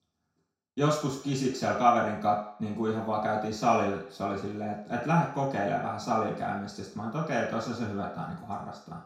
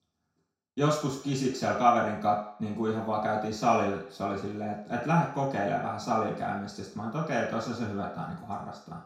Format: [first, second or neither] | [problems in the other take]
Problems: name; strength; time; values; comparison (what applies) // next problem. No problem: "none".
neither | room echo; noticeable; dies away in 0.6 s; the same in both // off-mic speech; far; the same in both